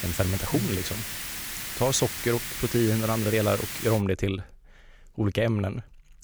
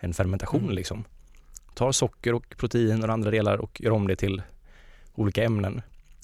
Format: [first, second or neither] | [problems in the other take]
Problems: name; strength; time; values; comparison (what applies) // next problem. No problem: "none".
second | hiss; loud; until 4 s; 5 dB below the speech